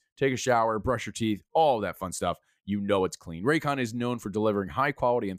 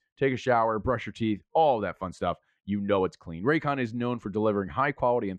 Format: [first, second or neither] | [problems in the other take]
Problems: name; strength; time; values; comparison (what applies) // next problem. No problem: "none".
first | muffled; slightly; fading above 3 kHz